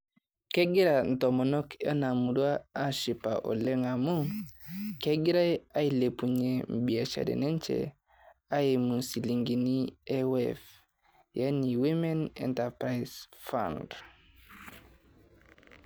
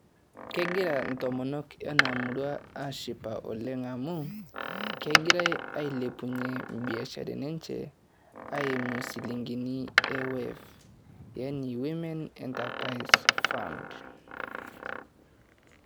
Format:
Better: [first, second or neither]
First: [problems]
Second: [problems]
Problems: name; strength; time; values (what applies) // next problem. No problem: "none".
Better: first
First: none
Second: background sound (Door); 1 dB above the speech